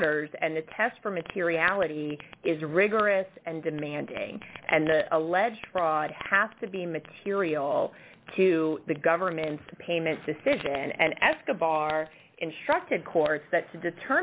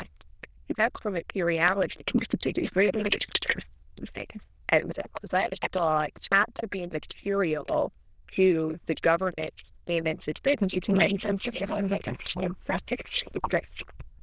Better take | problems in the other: first | noise reduction (neural diffusion model UNIVERSE++)

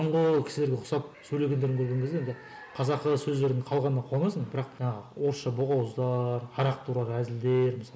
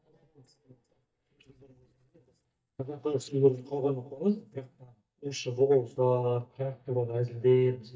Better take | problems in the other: first | noise reduction (neural mask model DeepFilterNet 3)

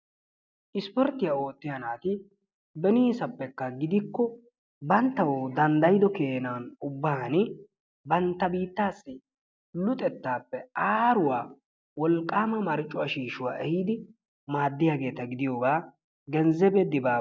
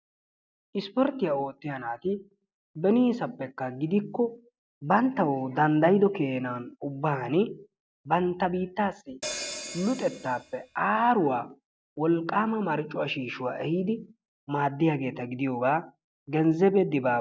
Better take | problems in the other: first | background sound (Hi-hat); 12 dB below the speech

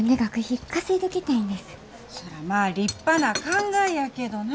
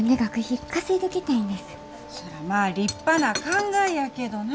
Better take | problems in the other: first | background sound (Wind instrument, woodwind instrument); 19 dB below the speech

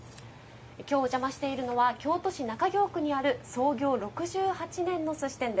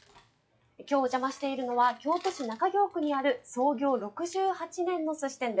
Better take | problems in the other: first | noise reduction (classical method log-MMSE)

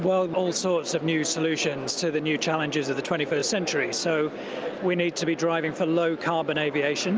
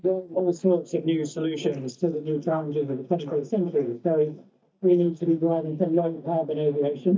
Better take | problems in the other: first | noise reduction (neural mask model DeepFilterNet 3)

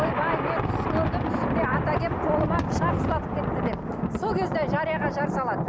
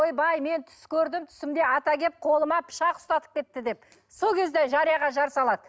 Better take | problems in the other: second | background sound (Thunder); 3 dB above the speech

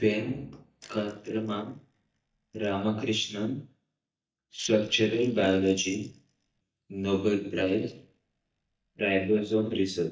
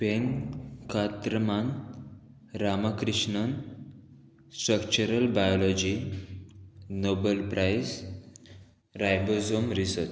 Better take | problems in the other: second | noise reduction (neural mask model DeepFilterNet 3)

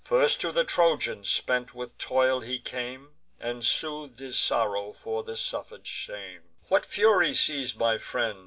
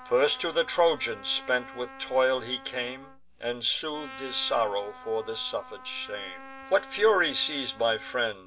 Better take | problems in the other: first | background sound (Trumpet); 17 dB below the speech

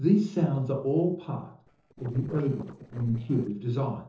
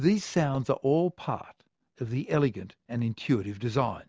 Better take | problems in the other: second | noise reduction (neural separator model SepFormer DNS4)

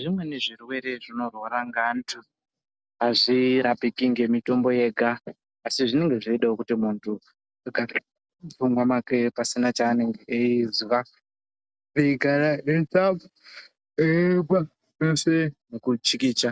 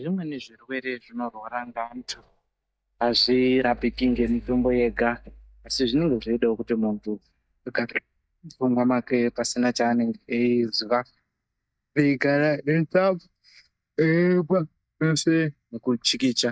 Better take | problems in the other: first | noise reduction (neural mask model DeepFilterNet 3)

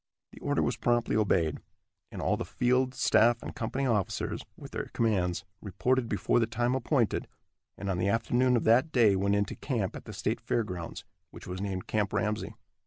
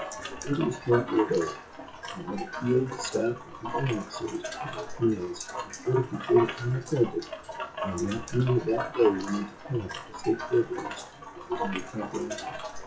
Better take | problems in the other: first | noise reduction (classical method WPE with log-MMSE)

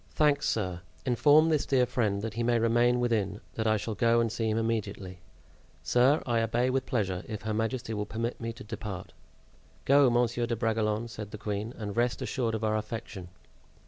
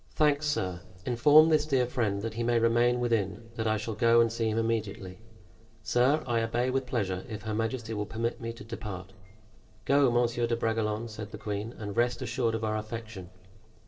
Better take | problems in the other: first | noise reduction (neural separator model SepFormer DNS4)

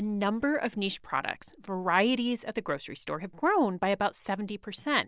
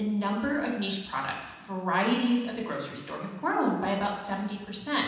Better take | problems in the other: first | room echo; dies away in 1.1 s

